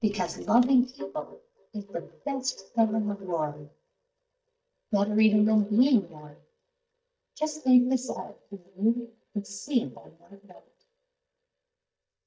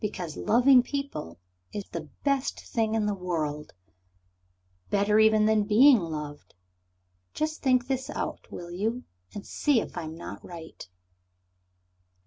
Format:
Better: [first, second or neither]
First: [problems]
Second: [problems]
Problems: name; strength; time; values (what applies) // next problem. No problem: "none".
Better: second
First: noise reduction (neural mask model DeepFilterNet 3)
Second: none